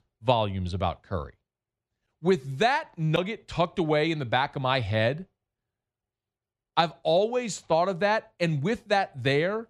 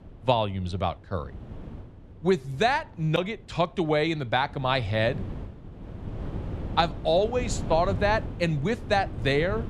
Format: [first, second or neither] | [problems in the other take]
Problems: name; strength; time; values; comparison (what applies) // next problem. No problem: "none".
first | wind noise on the microphone; occasional gusts; 20 dB below the speech